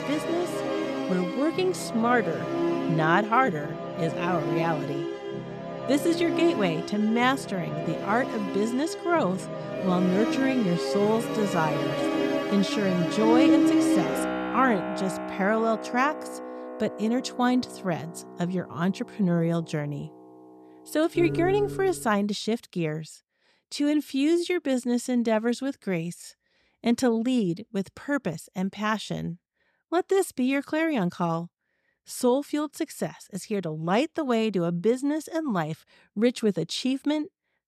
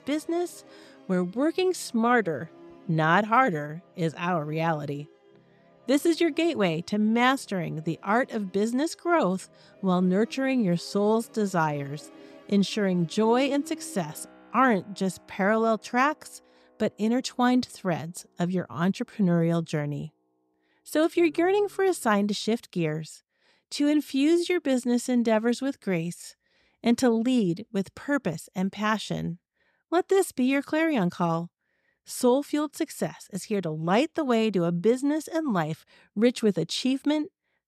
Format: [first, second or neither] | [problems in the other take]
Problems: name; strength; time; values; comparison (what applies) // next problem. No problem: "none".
second | background music; loud; until 22 s; 3 dB below the speech; faint in the second